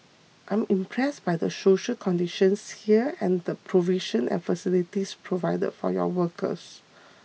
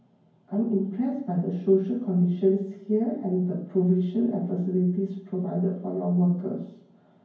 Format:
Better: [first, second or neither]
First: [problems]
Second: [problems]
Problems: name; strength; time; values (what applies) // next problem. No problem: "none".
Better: first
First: none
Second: room echo; dies away in 0.9 s